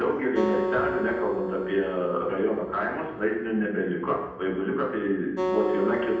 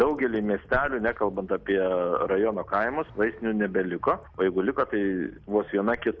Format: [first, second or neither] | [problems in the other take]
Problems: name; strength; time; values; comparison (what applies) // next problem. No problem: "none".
second | background sound (Acoustic guitar); 5 dB below the speech // room echo; dies away in 0.9 s